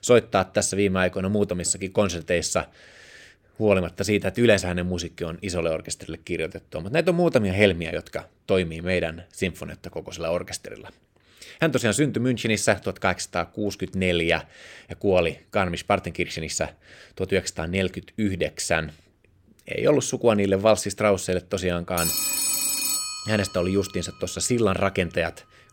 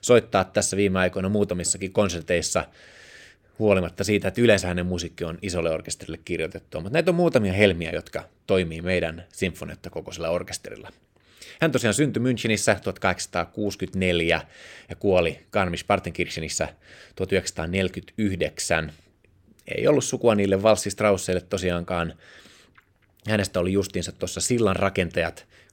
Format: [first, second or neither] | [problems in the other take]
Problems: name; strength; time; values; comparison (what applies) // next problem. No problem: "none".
second | phone ringing; loud; from 22 to 23 s; peak 3 dB above the speech